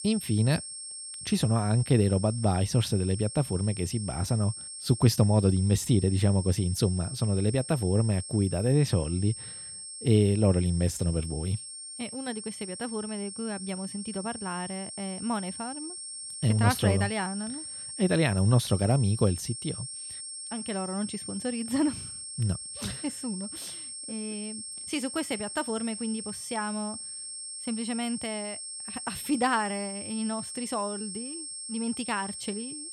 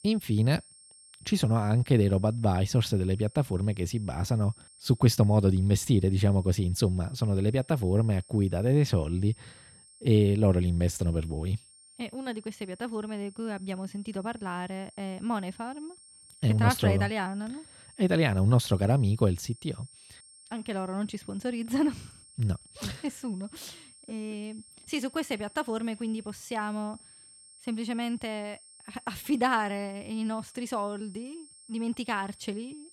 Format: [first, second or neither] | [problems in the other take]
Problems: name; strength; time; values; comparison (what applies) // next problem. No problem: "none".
second | high-pitched whine; loud; throughout; 8.5 kHz, 8 dB below the speech; faint in the second